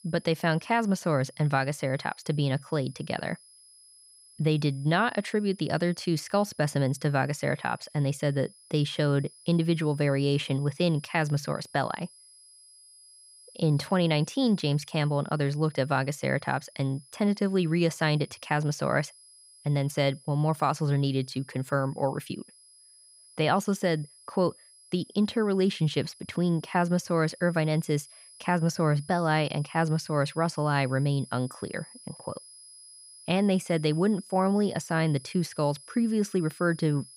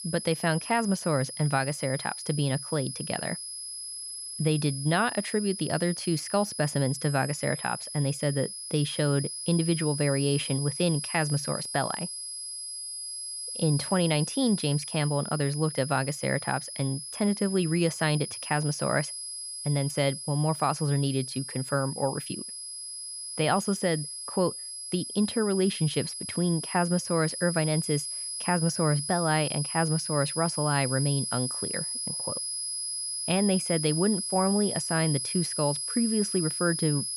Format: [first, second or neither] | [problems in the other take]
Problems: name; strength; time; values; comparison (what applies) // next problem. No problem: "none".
first | high-pitched whine; loud; throughout; 10.5 kHz, 5 dB below the speech; faint in the first